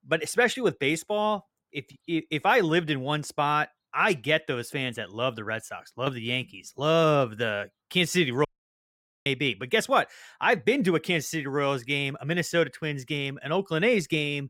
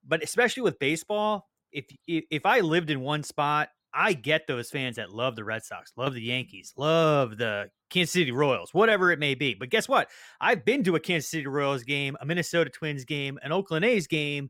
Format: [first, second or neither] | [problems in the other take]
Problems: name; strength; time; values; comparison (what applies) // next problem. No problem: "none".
second | audio cutting out; at 8.5 s for 1 s